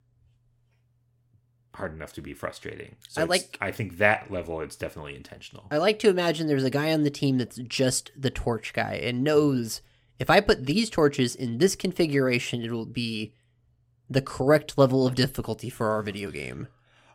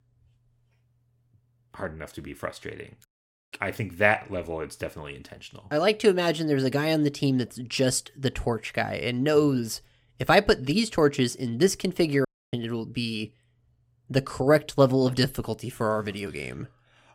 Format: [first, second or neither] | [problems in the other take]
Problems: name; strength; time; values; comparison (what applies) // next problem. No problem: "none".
first | audio cutting out; at 3 s and at 12 s